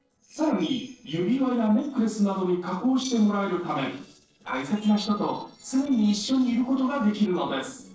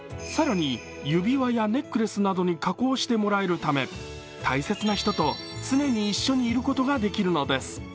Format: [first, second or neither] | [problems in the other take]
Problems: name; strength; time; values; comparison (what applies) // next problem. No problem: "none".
second | noise reduction (neural separator model SepFormer DNS4)